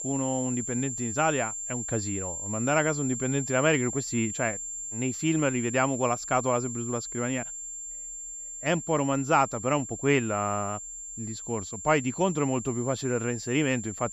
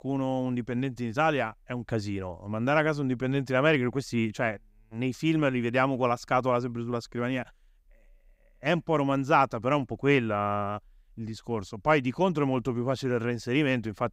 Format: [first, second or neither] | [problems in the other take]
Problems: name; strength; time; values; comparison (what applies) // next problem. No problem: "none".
second | high-pitched whine; loud; throughout; 7.5 kHz, 6 dB below the speech